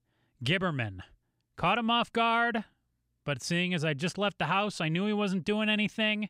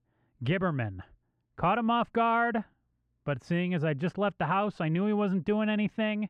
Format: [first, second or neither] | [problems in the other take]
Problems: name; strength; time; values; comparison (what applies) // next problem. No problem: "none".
first | muffled; very; fading above 3 kHz